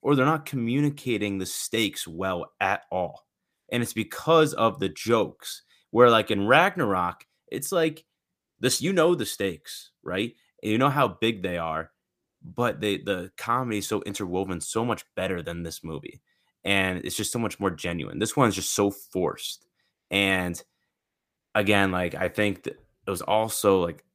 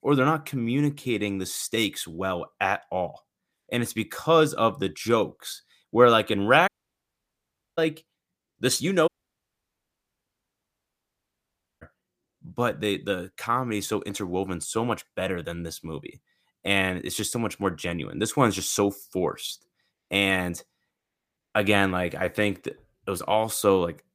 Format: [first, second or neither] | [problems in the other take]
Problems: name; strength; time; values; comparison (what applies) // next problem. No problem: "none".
first | audio cutting out; at 6.5 s for 1 s and at 9 s for 2.5 s